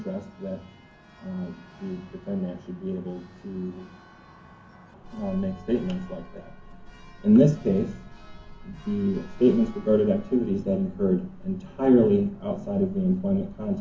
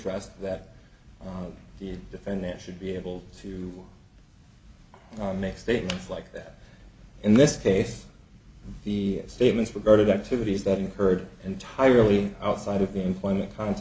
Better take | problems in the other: second | background sound (Church bell); 19 dB below the speech // room echo; dies away in 0.3 s

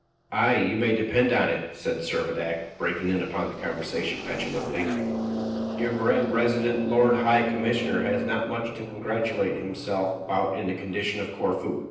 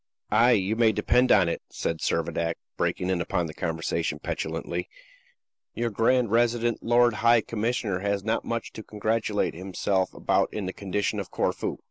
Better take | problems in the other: second | noise reduction (neural separator model SepFormer DNS4)

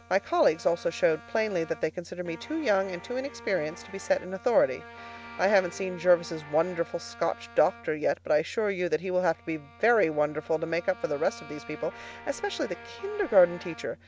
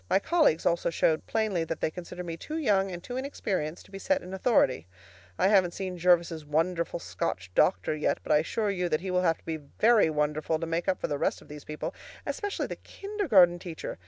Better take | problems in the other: second | background sound (Guitar + Bowed string instrument); 19 dB below the speech

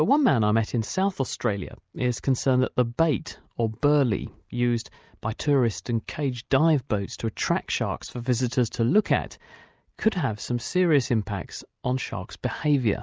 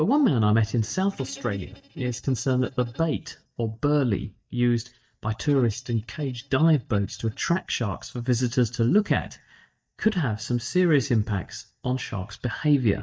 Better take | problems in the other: first | noise reduction (neural mask model DeepFilterNet 3)

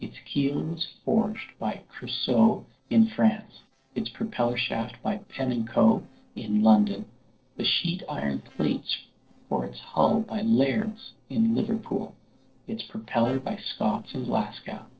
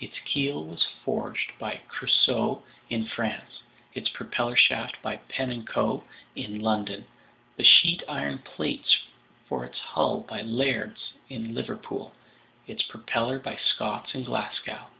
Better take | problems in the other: second | noise reduction (neural separator model SepFormer DNS4)

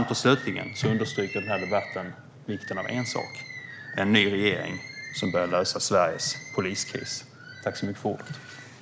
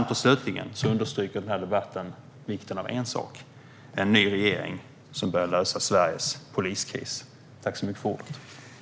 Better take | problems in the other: second | background sound (Bird); 13 dB below the speech

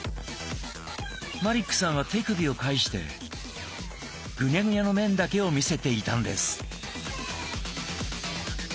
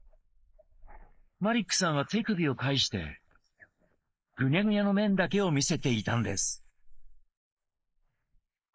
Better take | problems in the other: first | noise reduction (neural mask model Resemble Enhance denoiser)

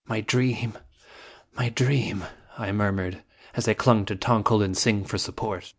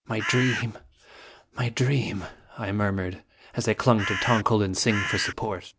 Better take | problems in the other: first | background sound (Bird); 3 dB below the speech

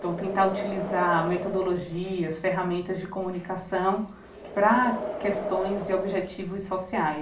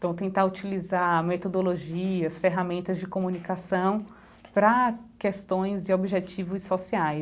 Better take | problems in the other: second | background sound (Wind); 9 dB below the speech // room echo; dies away in 0.4 s

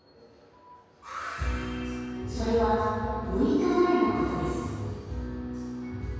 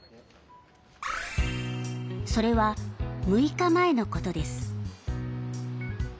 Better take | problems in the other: second | room echo; dies away in 2.2 s

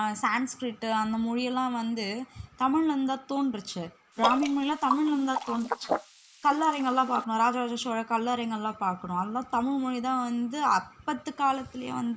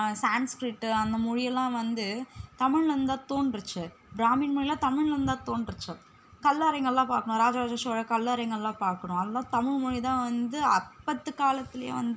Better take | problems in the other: second | noise reduction (neural mask model Resemble Enhance denoiser)

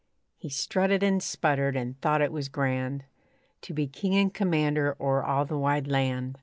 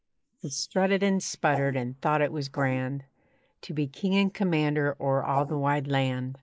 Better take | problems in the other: first | noise reduction (neural mask model Resemble Enhance denoiser)

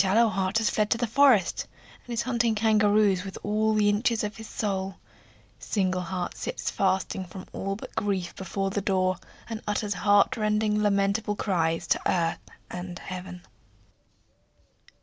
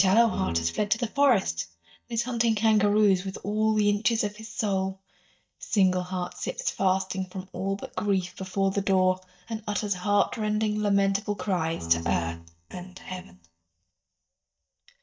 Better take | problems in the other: first | noise reduction (neural mask model DeepFilterNet 3)

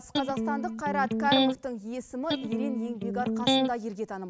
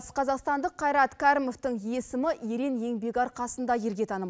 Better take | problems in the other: second | background sound (Electric guitar); 3 dB above the speech

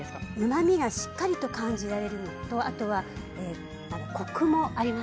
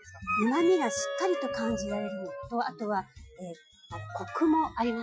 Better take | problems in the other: first | noise reduction (classical method Wiener filter)

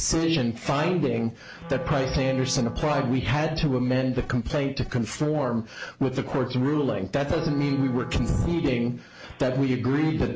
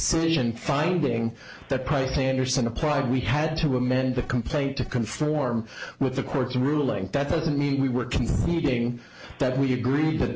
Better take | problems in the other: second | background sound (Wind instrument, woodwind instrument); 15 dB below the speech

